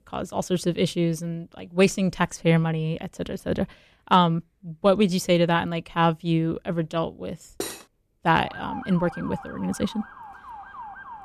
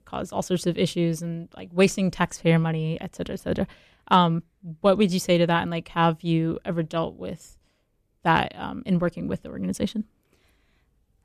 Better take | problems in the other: second | clattering dishes; noticeable; at 7.5 s; peak 9 dB below the speech // siren; faint; from 8.5 s on; peak 10 dB below the speech

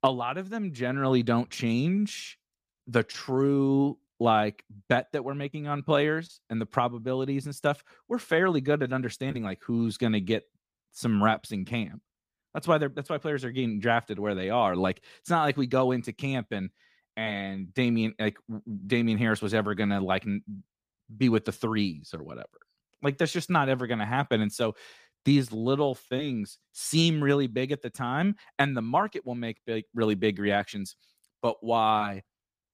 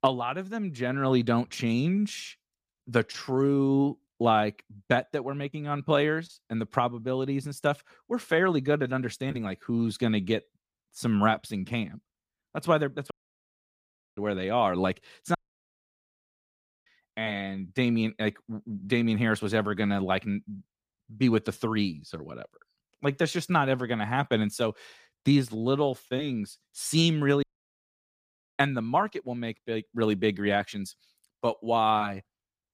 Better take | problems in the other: first | audio cutting out; at 13 s for 1 s, at 15 s for 1.5 s and at 27 s for 1 s

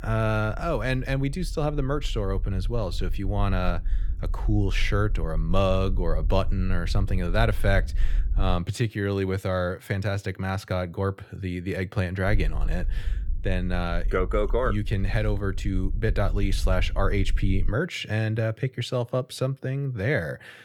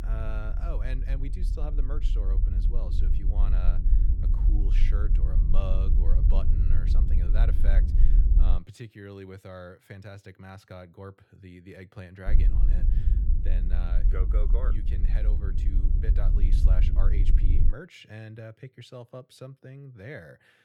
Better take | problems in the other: first | low rumble; loud; until 8.5 s and from 12 to 18 s; 3 dB below the speech; faint in the first

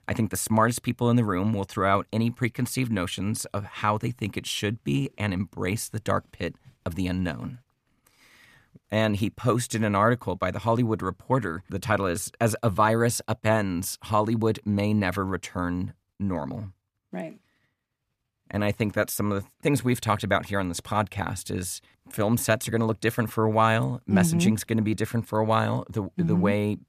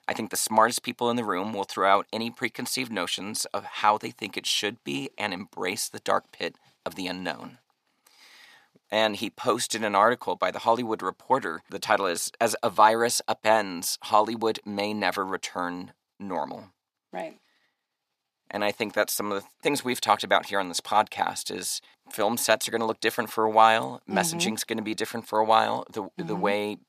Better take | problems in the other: first | thin; somewhat; fading below 350 Hz

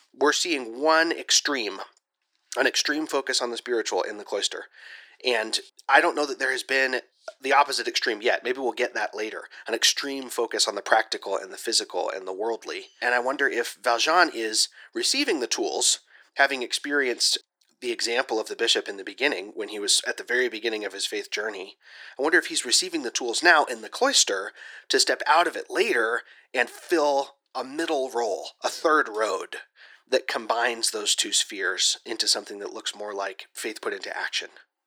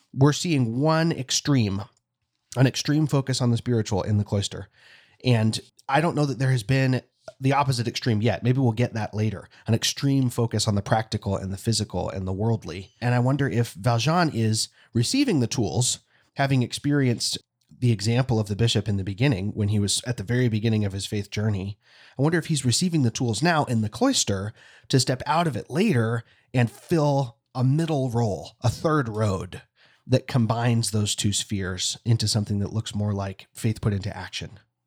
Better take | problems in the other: second | thin; very; fading below 350 Hz

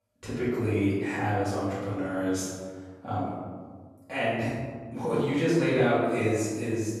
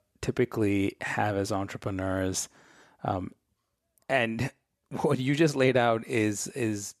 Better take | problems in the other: second | room echo; strong; dies away in 1.4 s // off-mic speech; far

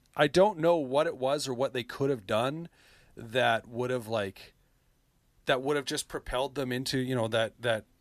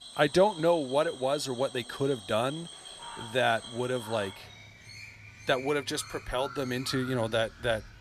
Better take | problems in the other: first | animal sounds; noticeable; throughout; 15 dB below the speech

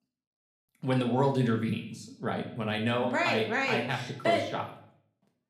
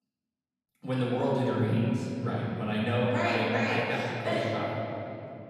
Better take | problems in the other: first | room echo; strong; dies away in 3 s; slight in the first // off-mic speech; far; somewhat distant in the first

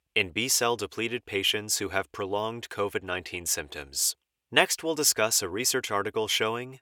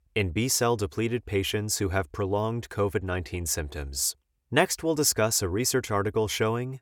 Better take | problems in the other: second | thin; somewhat; fading below 1 kHz

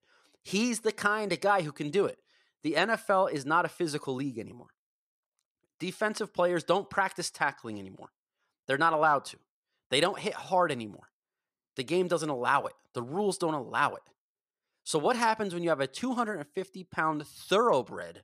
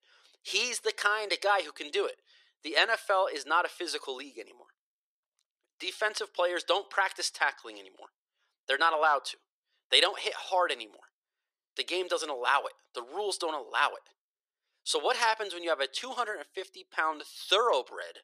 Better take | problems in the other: first | thin; very; fading below 400 Hz

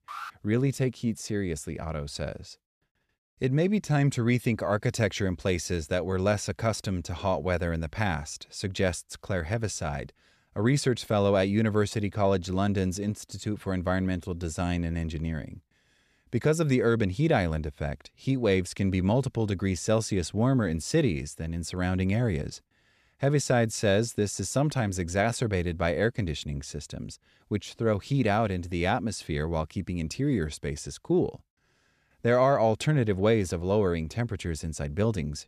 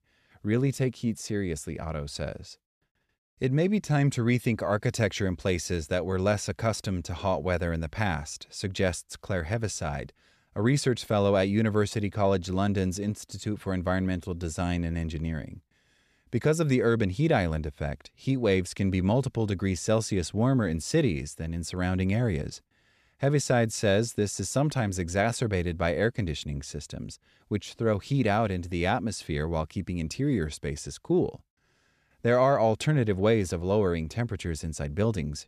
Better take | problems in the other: second | alarm; faint; at the start; peak 10 dB below the speech

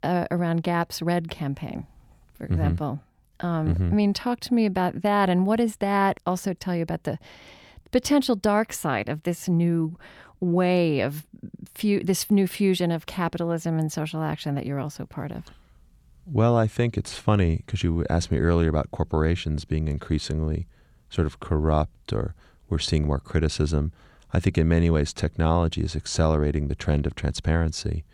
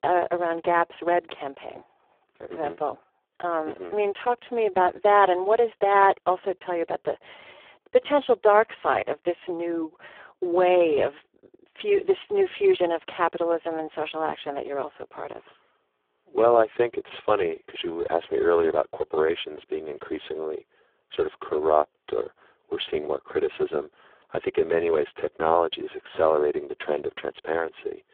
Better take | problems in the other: first | phone-call audio; poor line

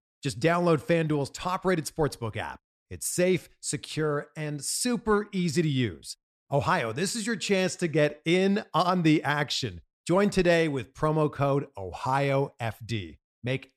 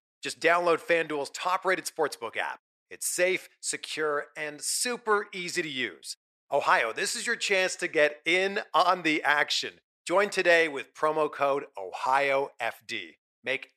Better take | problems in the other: first | thin; very; fading below 550 Hz

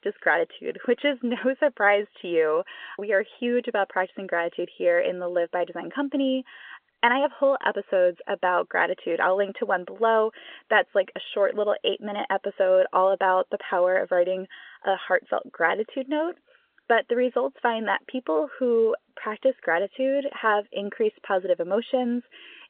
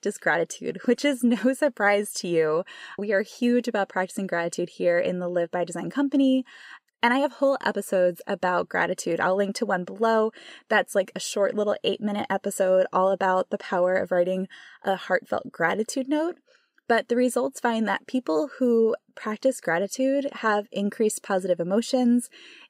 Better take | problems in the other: second | phone-call audio

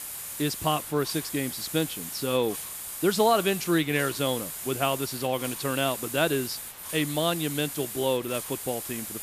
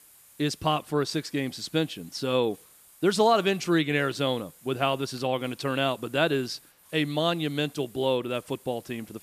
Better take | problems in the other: second | hiss; loud; throughout; 7 dB below the speech; faint in the second

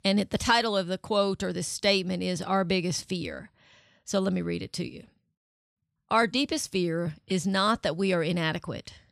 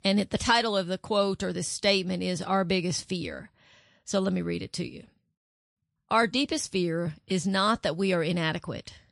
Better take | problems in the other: first | garbled, watery; slightly; nothing above 11 kHz

